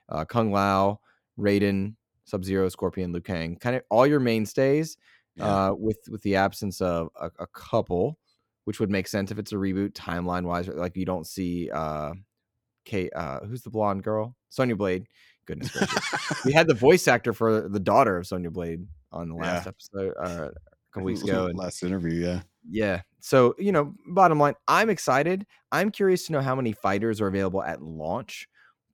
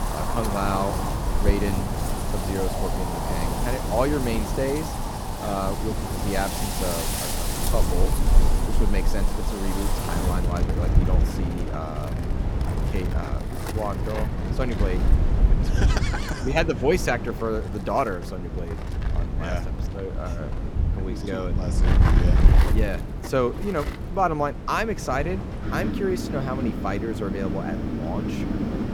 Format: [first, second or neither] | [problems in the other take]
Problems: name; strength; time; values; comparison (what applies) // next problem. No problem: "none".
first | wind in the background; very loud; throughout; 3 dB above the speech